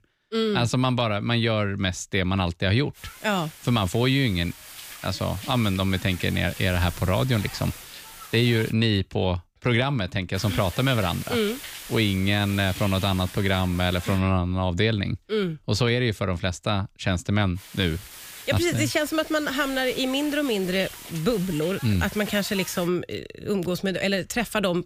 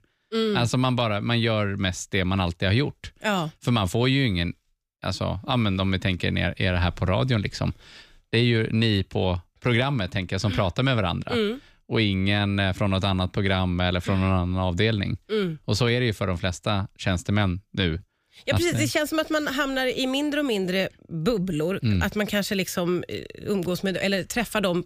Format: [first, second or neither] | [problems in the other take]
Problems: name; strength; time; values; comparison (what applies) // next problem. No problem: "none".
second | hiss; noticeable; from 3 to 8.5 s, from 10 to 14 s and from 18 to 23 s; 15 dB below the speech